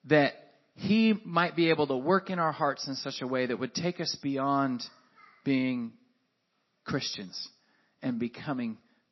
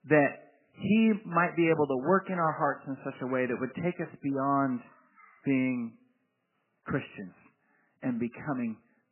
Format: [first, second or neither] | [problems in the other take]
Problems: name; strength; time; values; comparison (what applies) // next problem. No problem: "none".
first | garbled, watery; badly; nothing above 3 kHz; slightly in the first